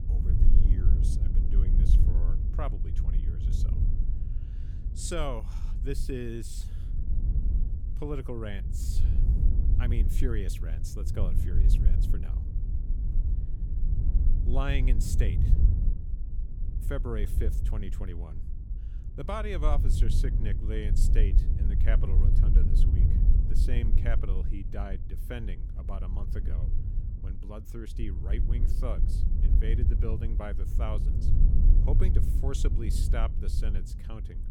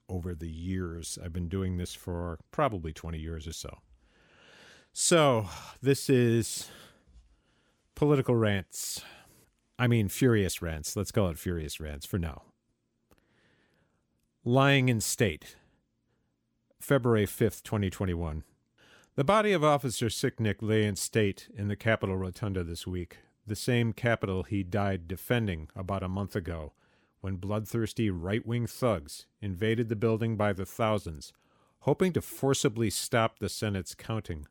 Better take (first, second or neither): second